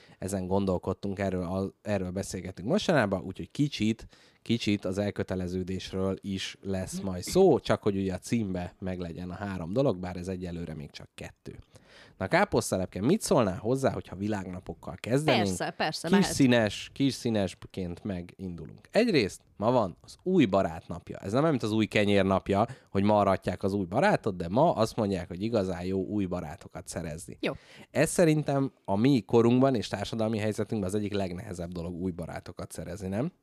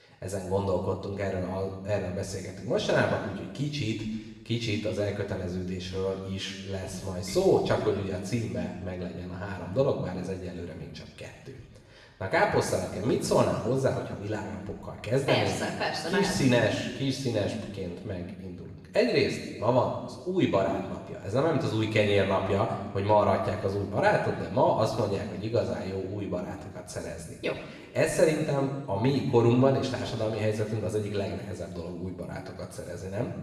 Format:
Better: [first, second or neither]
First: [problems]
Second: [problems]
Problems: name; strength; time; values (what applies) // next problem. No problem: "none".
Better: first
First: none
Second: room echo; noticeable; dies away in 1.2 s // off-mic speech; far